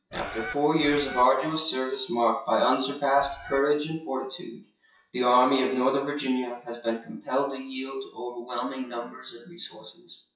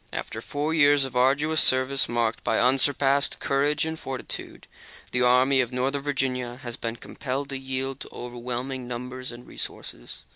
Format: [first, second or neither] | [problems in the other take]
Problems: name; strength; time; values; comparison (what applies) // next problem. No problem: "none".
second | noise reduction (classical method WPE with log-MMSE)